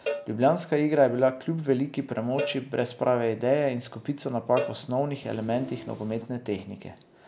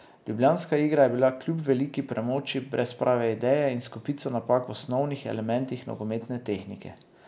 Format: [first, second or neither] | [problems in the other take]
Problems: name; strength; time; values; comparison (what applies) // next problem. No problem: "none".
second | background sound (Train + Cowbell); 12 dB below the speech